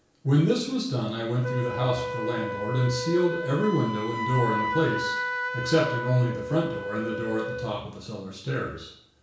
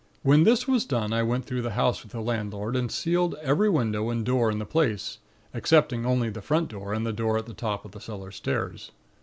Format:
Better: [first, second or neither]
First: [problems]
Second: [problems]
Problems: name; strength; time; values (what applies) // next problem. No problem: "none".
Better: second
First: background sound (Wind instrument, woodwind instrument); 6 dB below the speech // room echo; dies away in 0.6 s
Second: none